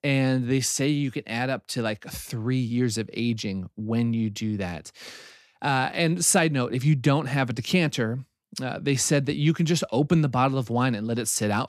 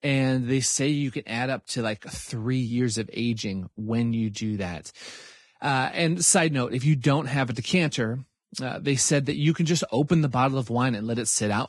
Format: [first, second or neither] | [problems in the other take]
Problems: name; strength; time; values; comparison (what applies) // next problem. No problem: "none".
first | garbled, watery; badly; nothing above 10 kHz